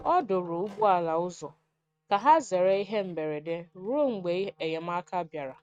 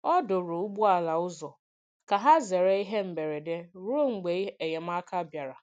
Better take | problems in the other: second | noise reduction (neural mask model RNNoise)

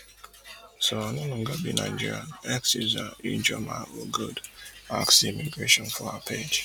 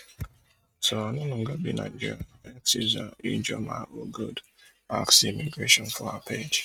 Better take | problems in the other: first | noise reduction (neural mask model RNNoise)

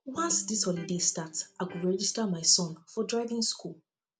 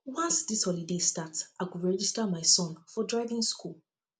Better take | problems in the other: second | background sound (Electric guitar); 17 dB below the speech

